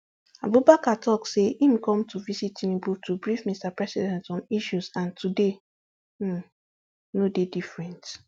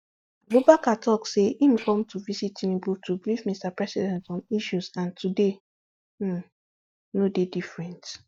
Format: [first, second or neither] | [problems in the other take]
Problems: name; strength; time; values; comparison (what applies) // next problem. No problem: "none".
first | noise reduction (neural mask model DeepFilterNet 3)